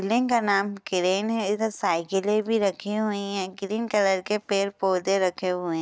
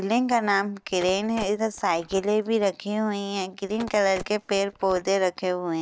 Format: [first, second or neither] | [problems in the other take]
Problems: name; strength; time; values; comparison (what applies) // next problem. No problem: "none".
first | background sound (Telephone); 18 dB below the speech